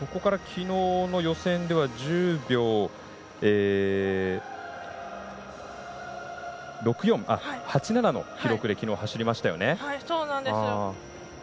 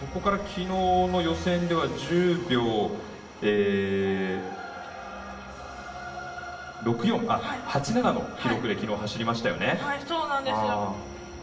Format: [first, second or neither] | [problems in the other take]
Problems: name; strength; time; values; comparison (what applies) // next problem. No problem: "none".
first | room echo; dies away in 0.8 s